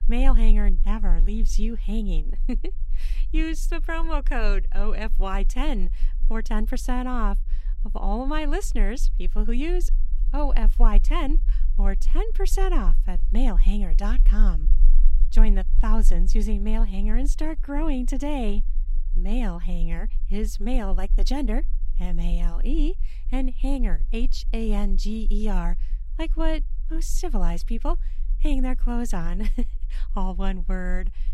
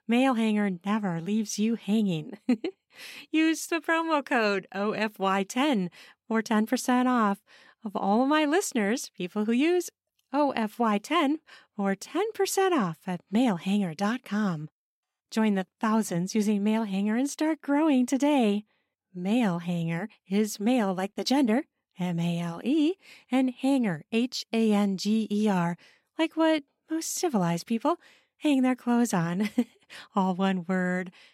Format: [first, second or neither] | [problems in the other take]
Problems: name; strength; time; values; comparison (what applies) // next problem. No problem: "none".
second | low rumble; faint; throughout; 20 dB below the speech